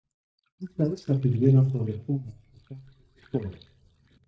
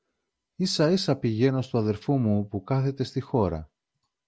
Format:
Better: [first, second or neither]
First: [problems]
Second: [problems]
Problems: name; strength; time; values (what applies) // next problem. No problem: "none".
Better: second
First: noise reduction (neural mask model DeepFilterNet 3)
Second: none